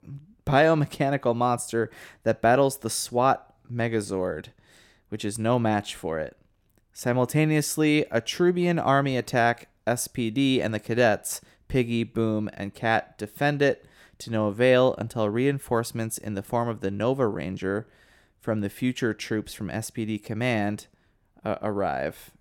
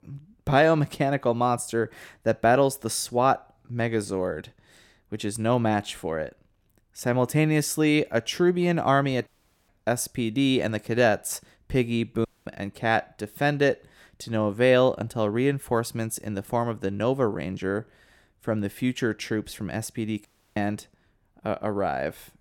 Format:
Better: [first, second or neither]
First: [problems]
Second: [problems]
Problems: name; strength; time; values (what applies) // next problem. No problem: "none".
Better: first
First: none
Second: audio cutting out; at 9.5 s, at 12 s and at 20 s